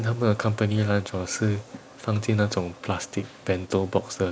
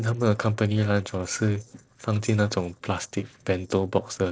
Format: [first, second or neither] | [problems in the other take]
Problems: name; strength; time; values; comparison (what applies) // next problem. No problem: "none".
first | noise reduction (neural separator model SepFormer DNS4)